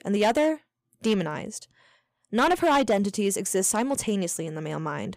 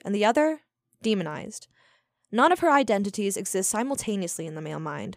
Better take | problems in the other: second | distortion; slight; 4% of the sound clipped

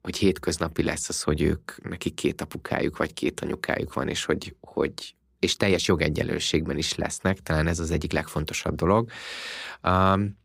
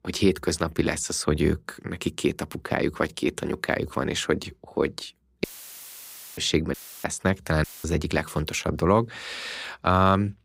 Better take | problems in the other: first | audio cutting out; filled with static; at 5.5 s for 1 s, at 6.5 s and at 7.5 s

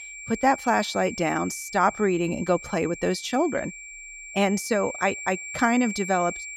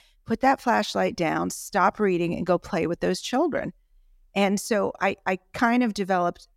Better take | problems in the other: second | high-pitched whine; noticeable; throughout; 2.5 kHz, 10 dB below the speech

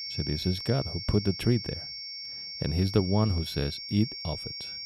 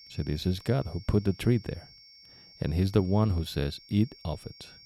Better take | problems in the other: second | high-pitched whine; loud; throughout; 5.5 kHz, 7 dB below the speech; faint in the second

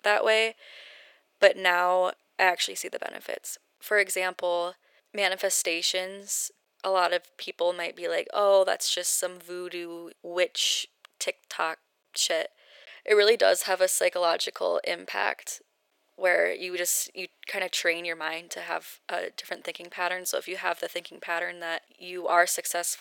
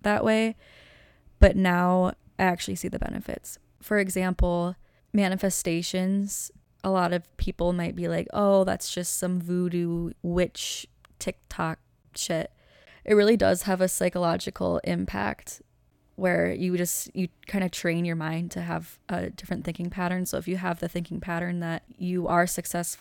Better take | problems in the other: second | thin; very; fading below 450 Hz

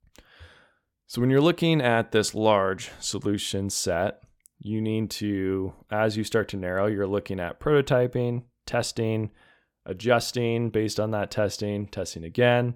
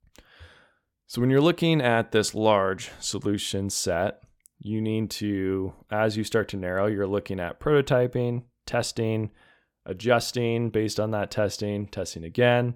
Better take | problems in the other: neither | none

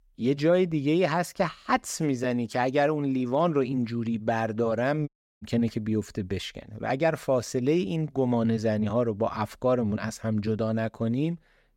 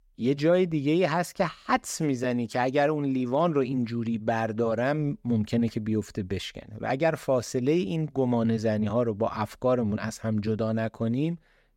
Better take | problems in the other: second | audio cutting out; at 5 s

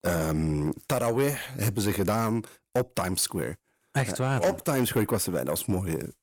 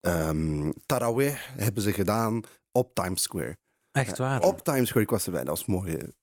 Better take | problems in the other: second | distortion; slight; 10 dB below the speech

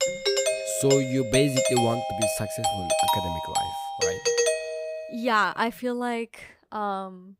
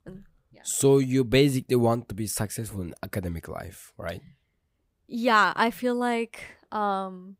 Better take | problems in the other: second | doorbell; loud; until 5 s; peak 4 dB above the speech

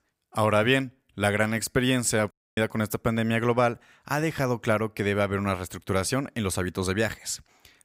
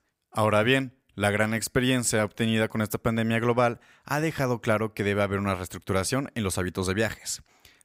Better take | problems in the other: second | audio cutting out; at 2.5 s

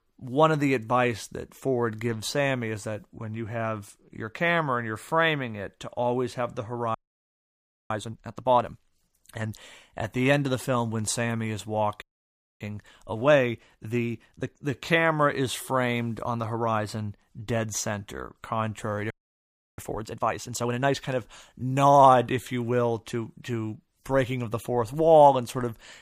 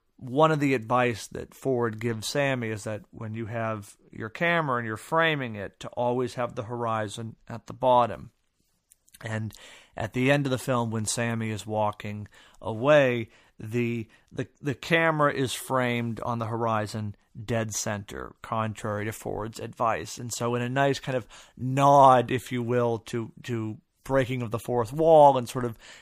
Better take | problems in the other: second | audio freezing; at 7 s for 1 s, at 12 s for 0.5 s and at 19 s for 0.5 s

